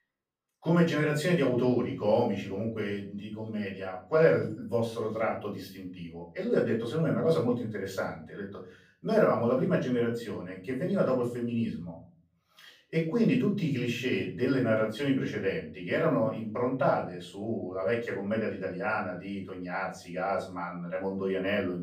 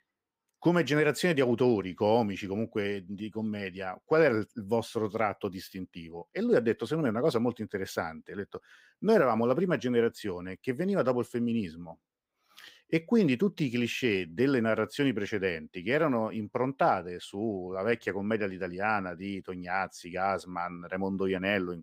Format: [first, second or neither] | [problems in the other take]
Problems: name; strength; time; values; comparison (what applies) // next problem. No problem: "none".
second | off-mic speech; far // room echo; slight; dies away in 0.5 s